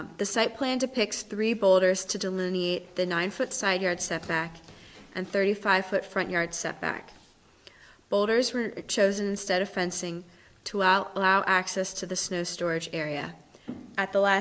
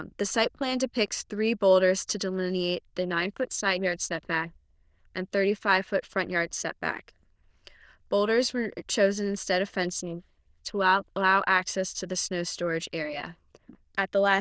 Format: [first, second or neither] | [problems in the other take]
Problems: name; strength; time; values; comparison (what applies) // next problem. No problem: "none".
first | noise reduction (neural diffusion model UNIVERSE++)